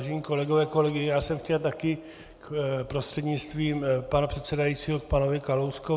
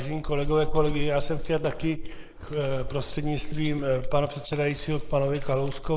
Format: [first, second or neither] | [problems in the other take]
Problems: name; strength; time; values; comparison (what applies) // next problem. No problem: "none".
first | noise reduction (neural mask model Resemble Enhance denoiser)